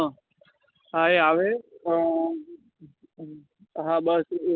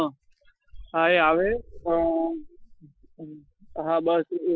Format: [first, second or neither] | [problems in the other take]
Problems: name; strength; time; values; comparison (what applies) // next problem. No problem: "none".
first | noise reduction (classical method Wiener filter)